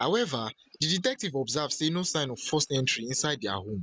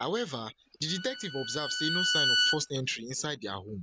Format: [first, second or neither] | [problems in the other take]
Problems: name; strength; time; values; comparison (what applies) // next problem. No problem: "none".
first | background sound (Bowed string instrument); 3 dB above the speech